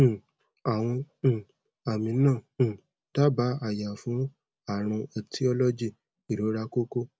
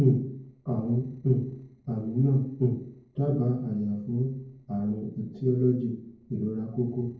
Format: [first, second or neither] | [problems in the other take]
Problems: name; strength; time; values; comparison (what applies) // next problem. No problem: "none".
first | noise reduction (neural separator model SepFormer DNS4)